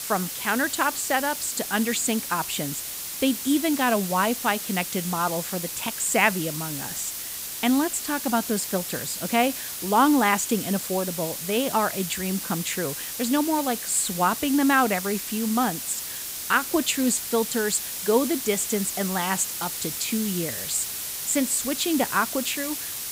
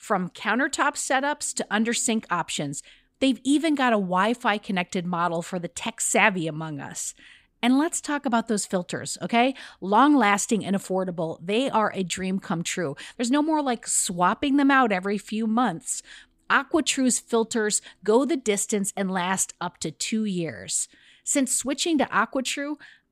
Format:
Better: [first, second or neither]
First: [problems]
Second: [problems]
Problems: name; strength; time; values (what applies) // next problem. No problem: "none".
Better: second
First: hiss; loud; throughout; 5 dB below the speech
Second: none